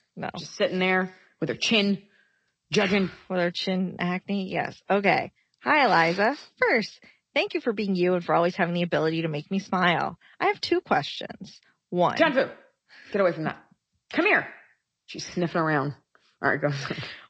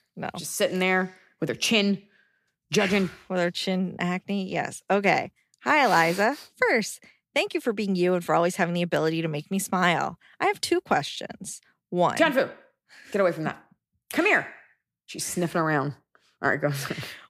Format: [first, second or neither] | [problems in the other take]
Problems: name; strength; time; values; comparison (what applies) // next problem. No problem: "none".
second | garbled, watery; slightly; nothing above 8 kHz